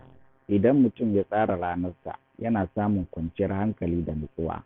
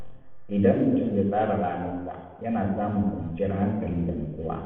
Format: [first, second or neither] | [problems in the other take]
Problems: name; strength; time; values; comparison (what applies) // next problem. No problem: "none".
first | room echo; dies away in 1.1 s